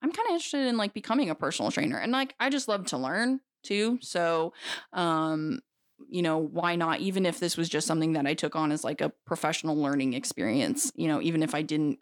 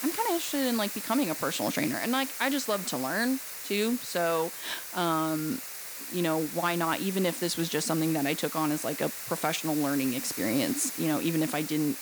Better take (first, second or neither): first